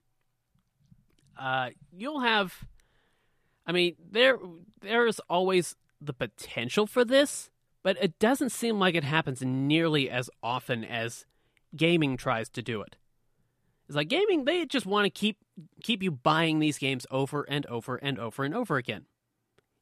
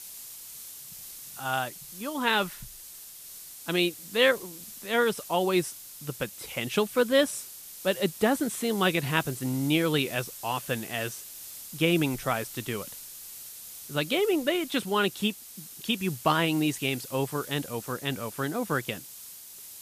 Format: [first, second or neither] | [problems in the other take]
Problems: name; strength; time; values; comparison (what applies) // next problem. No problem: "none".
first | hiss; noticeable; throughout; 15 dB below the speech